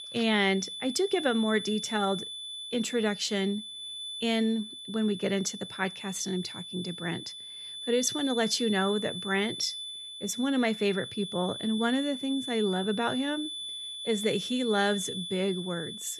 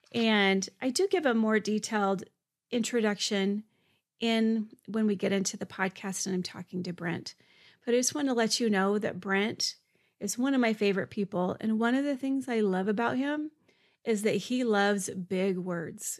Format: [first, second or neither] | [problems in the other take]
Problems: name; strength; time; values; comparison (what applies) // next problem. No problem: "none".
second | high-pitched whine; loud; throughout; 3.5 kHz, 7 dB below the speech